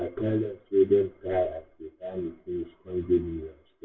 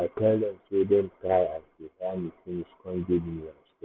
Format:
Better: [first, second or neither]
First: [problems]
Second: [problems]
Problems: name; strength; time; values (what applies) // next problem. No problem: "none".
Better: second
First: room echo; dies away in 0.2 s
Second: none